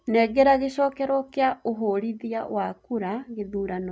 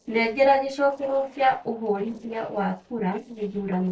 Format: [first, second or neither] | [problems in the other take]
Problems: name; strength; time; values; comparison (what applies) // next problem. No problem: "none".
first | noise reduction (neural separator model SepFormer DNS4)